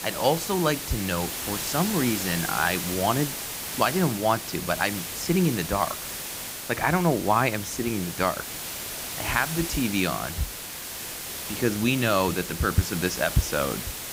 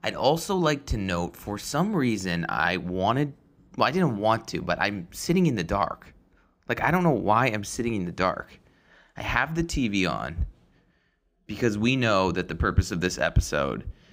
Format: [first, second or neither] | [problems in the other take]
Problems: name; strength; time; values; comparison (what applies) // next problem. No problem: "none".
second | hiss; loud; throughout; 5 dB below the speech